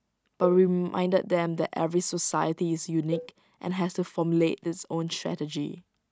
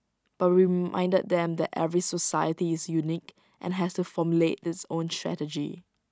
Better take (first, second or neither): second